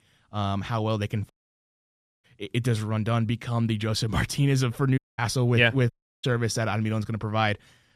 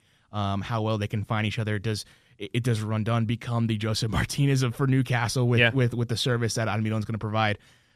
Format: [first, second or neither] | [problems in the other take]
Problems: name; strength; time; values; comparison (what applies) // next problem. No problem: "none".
second | audio cutting out; at 1.5 s for 1 s, at 5 s and at 6 s